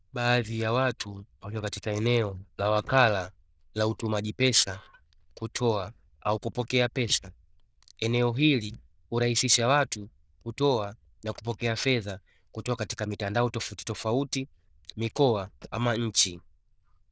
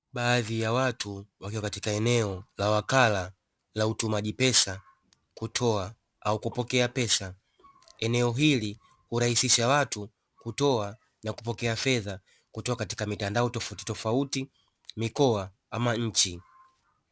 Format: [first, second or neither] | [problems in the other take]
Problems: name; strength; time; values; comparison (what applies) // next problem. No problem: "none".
second | noise reduction (neural diffusion model UNIVERSE++)